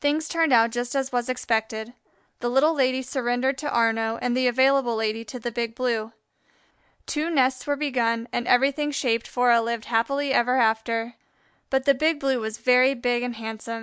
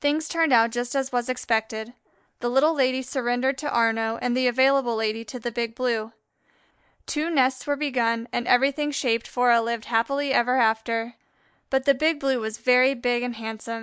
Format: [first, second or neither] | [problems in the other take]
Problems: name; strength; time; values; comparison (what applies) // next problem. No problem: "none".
first | noise reduction (neural mask model Resemble Enhance denoiser)